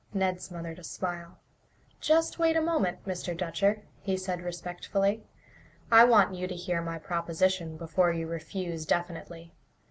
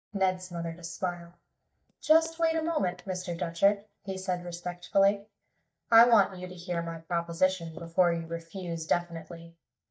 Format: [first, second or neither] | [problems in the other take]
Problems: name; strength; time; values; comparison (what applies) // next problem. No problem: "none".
first | noise reduction (neural mask model DeepFilterNet 3)